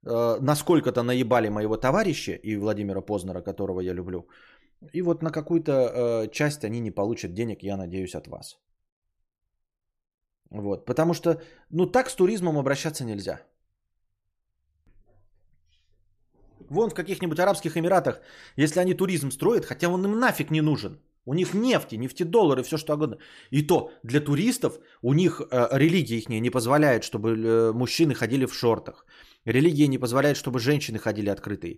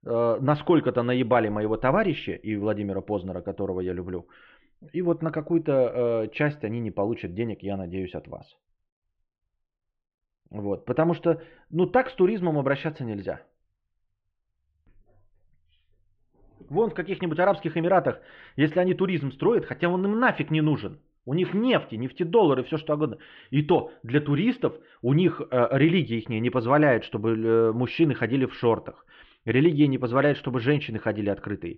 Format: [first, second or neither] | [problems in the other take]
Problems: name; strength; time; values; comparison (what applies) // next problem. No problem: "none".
first | muffled; very; fading above 3 kHz